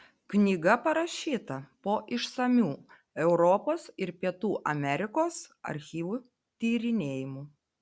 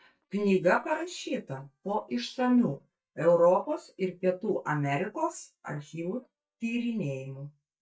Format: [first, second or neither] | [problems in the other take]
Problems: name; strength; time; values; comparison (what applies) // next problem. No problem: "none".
first | noise reduction (neural mask model DeepFilterNet 3)